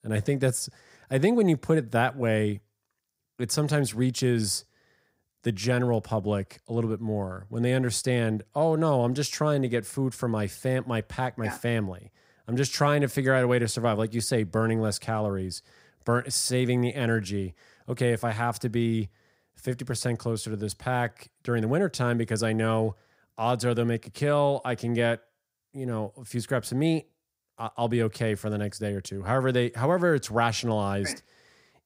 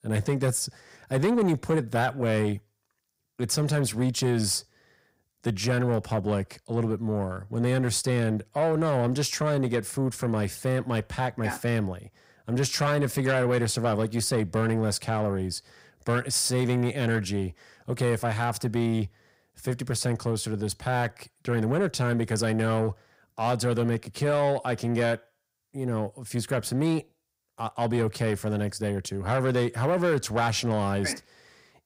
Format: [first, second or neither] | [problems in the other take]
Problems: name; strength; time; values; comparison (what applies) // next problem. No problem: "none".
first | distortion; slight; 10 dB below the speech